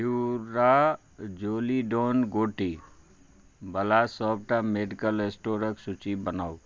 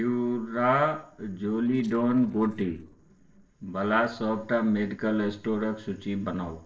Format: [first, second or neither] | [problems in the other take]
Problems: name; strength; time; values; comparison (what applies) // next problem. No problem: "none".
first | noise reduction (neural separator model SepFormer DNS4)